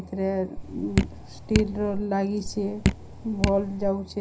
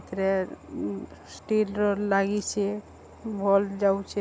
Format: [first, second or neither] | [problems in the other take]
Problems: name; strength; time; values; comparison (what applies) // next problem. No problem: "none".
second | background sound (Drip); 1 dB below the speech // room echo; dies away in 0.4 s